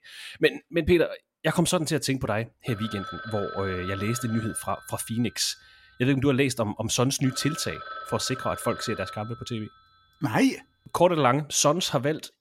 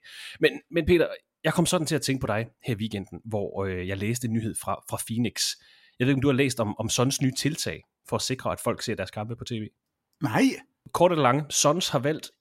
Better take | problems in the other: second | phone ringing; noticeable; from 2.5 to 9.5 s; peak 10 dB below the speech

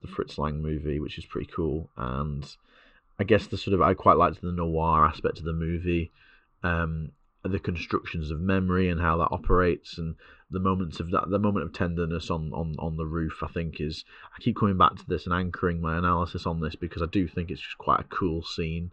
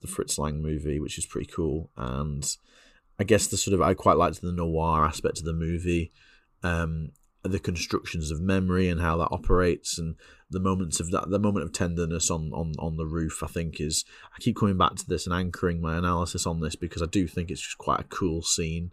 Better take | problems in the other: second | muffled; very; fading above 3.5 kHz

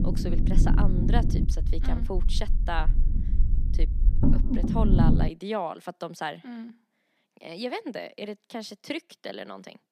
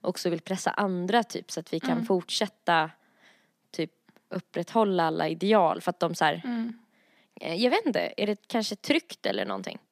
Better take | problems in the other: second | low rumble; loud; until 5.5 s; 1 dB below the speech

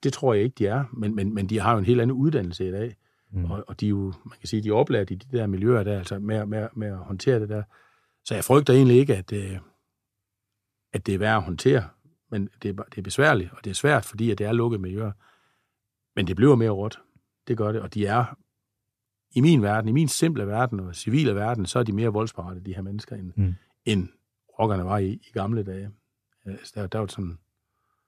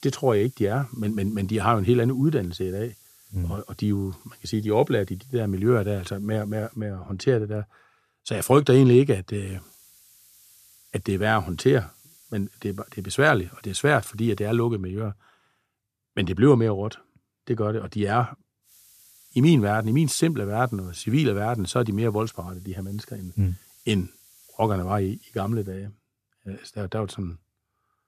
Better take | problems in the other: first | hiss; faint; until 7 s, from 9.5 to 15 s and from 19 to 26 s; 25 dB below the speech

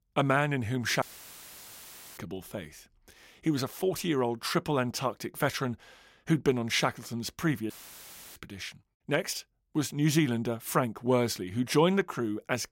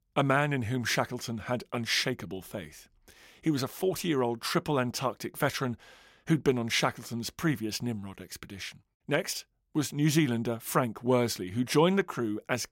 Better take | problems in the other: second | audio cutting out; filled with static; at 1 s for 1 s and at 7.5 s for 0.5 s

